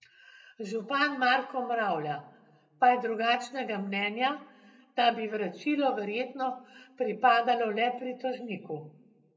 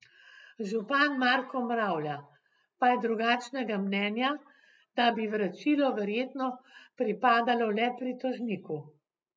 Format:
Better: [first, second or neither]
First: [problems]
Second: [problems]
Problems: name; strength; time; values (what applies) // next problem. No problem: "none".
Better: second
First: room echo; dies away in 0.5 s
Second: none